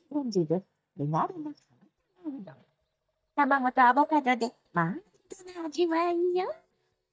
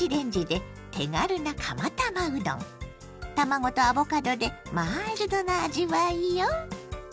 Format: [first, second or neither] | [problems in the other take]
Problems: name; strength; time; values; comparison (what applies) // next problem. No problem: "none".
second | noise reduction (neural mask model DeepFilterNet 3)